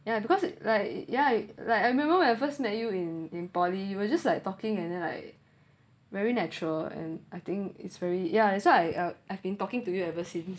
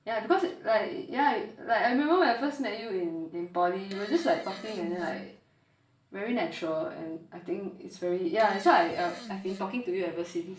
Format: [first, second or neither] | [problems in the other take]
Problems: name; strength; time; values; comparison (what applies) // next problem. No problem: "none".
first | noise reduction (neural separator model SepFormer DNS4)